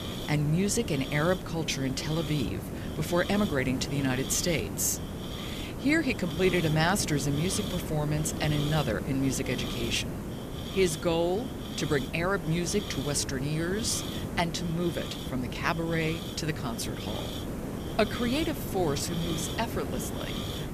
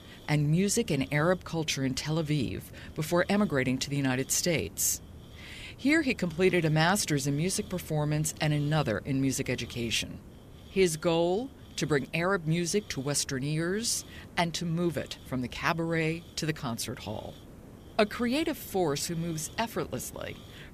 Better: second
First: hiss; loud; throughout; 6 dB below the speech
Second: hiss; faint; throughout; 20 dB below the speech

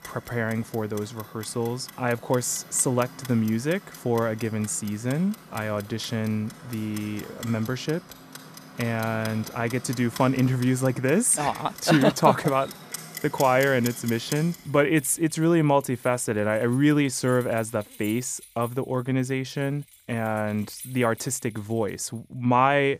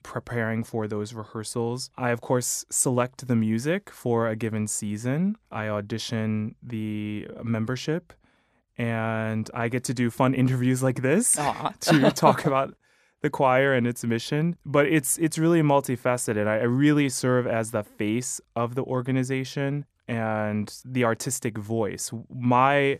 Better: second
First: household noises; noticeable; throughout; 15 dB below the speech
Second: none

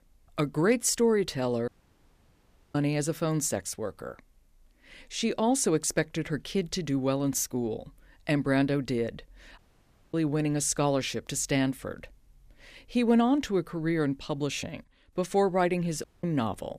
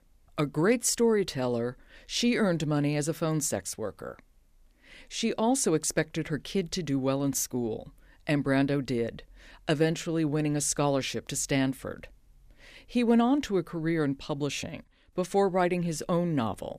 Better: second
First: audio cutting out; at 1.5 s for 1 s, at 9.5 s for 0.5 s and at 16 s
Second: none

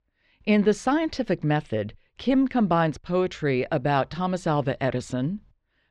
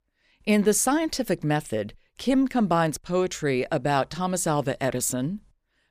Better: second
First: muffled; slightly; fading above 4 kHz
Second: none

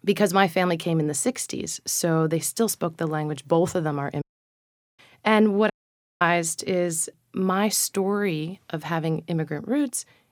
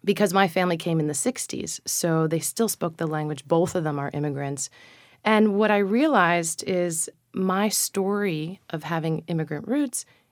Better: second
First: audio cutting out; at 4 s for 1 s and at 5.5 s for 0.5 s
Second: none

